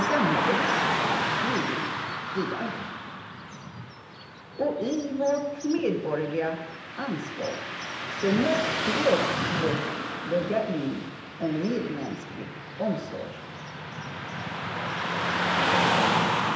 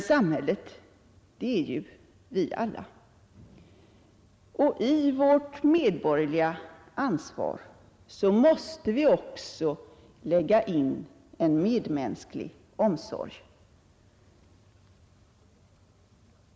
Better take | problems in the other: second | background sound (Car passing by / Traffic noise, roadway noise); 1 dB above the speech // room echo; dies away in 0.8 s

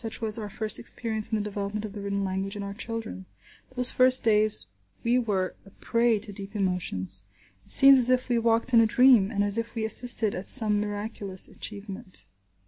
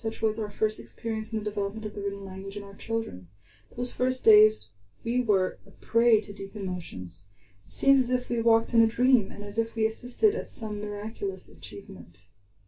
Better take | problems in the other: first | room echo; dies away in 0.2 s

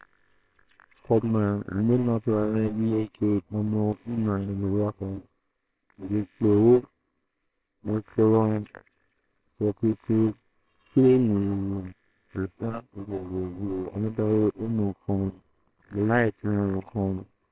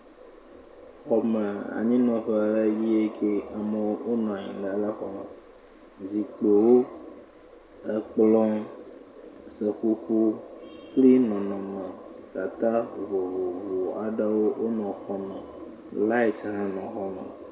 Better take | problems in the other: second | noise reduction (neural separator model SepFormer WHAMR!)

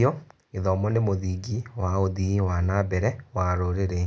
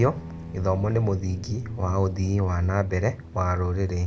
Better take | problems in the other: first | background sound (Guitar + Truck); 13 dB below the speech

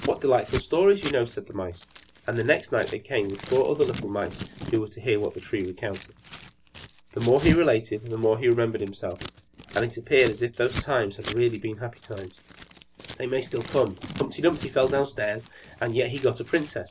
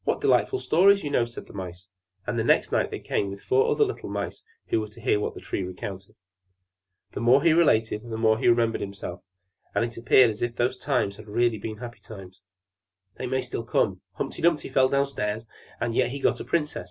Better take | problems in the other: second | background sound (Scissors); 12 dB below the speech

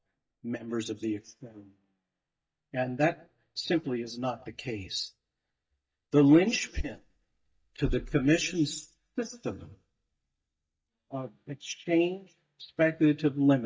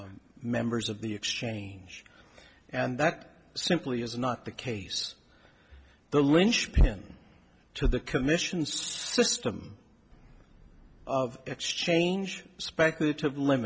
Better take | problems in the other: second | noise reduction (neural mask model DeepFilterNet 3)

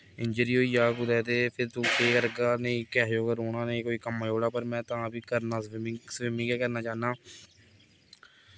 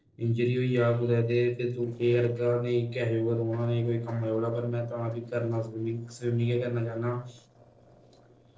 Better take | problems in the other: first | noise reduction (neural separator model SepFormer DNS4)

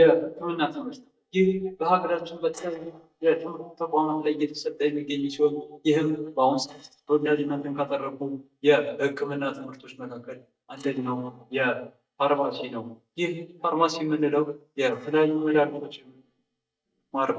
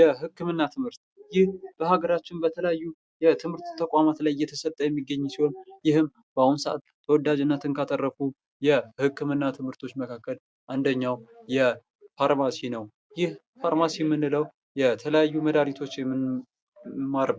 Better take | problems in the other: second | noise reduction (neural mask model DeepFilterNet 3)

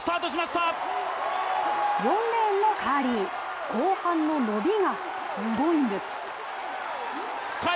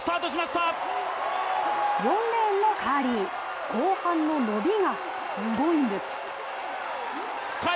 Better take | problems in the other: first | background sound (Harmonica); 18 dB below the speech

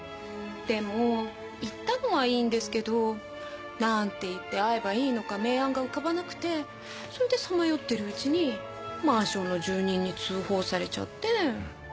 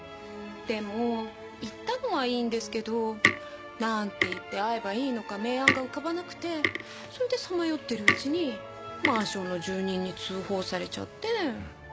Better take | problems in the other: first | background sound (Tick); 1 dB below the speech

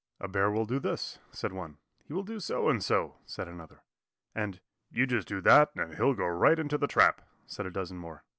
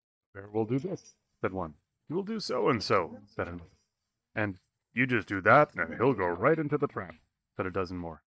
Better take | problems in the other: first | noise reduction (neural mask model DeepFilterNet 3)

